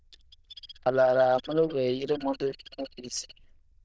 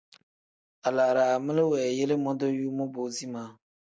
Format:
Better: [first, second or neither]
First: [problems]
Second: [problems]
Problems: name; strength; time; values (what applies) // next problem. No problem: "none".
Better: second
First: noise reduction (neural diffusion model UNIVERSE++)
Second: none